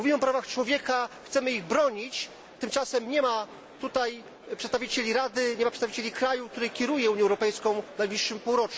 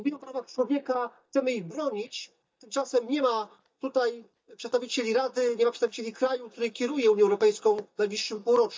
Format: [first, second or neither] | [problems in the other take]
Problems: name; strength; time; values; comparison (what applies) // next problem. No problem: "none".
first | noise reduction (neural mask model DeepFilterNet 3)